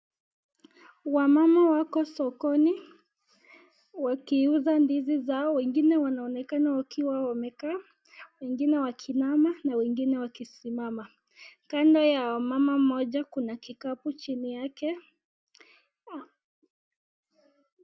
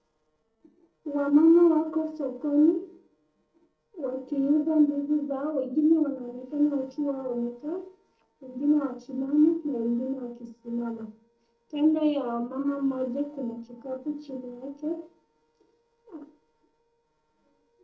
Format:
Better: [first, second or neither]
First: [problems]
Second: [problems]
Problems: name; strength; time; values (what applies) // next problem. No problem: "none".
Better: first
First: none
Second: noise reduction (neural separator model SepFormer DNS4)